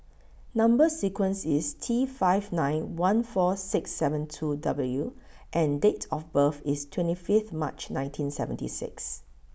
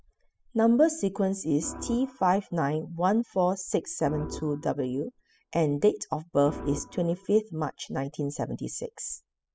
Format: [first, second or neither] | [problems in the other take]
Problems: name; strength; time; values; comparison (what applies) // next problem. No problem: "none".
first | noise reduction (classical method spectral subtraction)